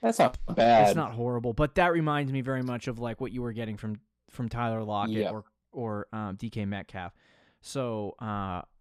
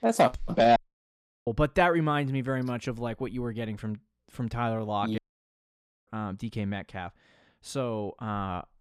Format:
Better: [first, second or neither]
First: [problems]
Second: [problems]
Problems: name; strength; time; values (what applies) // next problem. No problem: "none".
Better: first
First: none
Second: audio cutting out; at 1 s for 0.5 s and at 5 s for 1 s